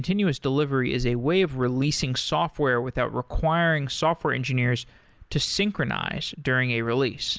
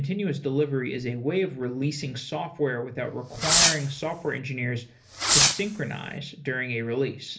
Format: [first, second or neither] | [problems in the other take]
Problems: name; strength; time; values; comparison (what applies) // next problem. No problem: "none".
first | background sound (Fireworks); 4 dB above the speech // room echo; dies away in 0.3 s